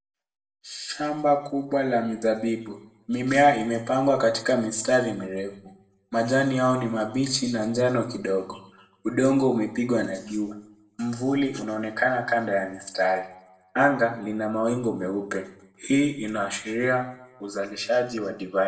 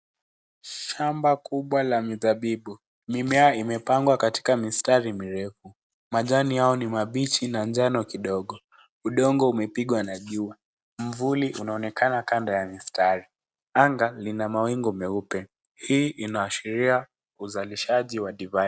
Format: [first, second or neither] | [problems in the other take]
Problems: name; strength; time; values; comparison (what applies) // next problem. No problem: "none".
second | room echo; dies away in 0.7 s